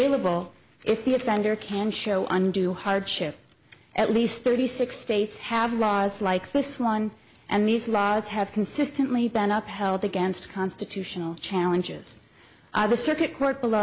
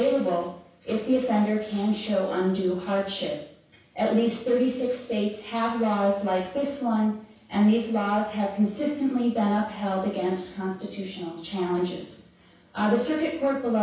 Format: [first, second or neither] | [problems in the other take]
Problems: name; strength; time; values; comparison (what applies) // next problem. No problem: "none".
first | room echo; dies away in 0.7 s